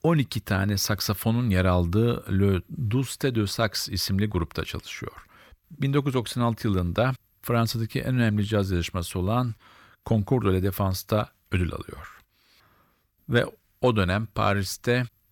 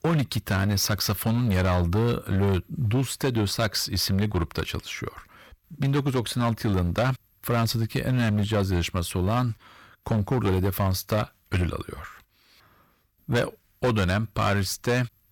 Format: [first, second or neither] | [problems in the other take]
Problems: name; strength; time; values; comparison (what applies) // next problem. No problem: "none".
first | distortion; slight; 11% of the sound clipped